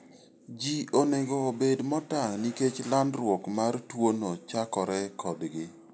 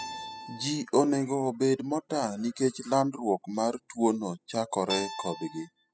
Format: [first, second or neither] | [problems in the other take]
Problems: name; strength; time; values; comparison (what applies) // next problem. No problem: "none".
first | noise reduction (classical method spectral subtraction)